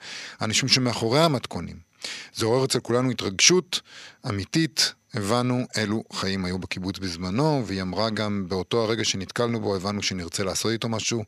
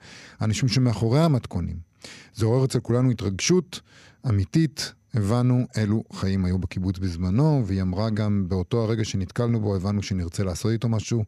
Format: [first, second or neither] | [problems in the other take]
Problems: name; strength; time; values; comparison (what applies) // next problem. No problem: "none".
second | thin; somewhat; fading below 600 Hz